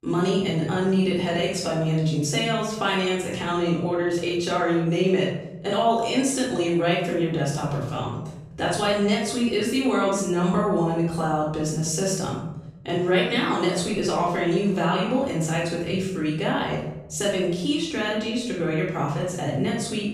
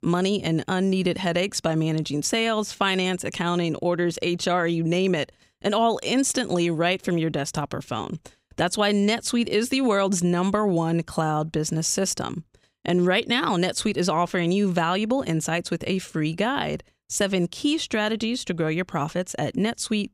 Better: second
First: off-mic speech; far // room echo; noticeable; dies away in 1.1 s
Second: none

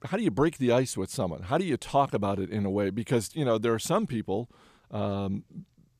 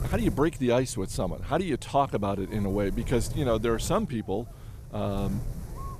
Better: first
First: none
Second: wind noise on the microphone; occasional gusts; 20 dB below the speech

